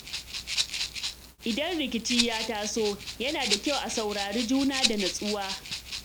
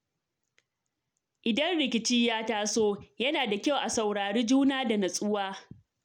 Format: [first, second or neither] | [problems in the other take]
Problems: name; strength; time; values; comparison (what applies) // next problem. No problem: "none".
second | background sound (Rattle (instrument)); 2 dB below the speech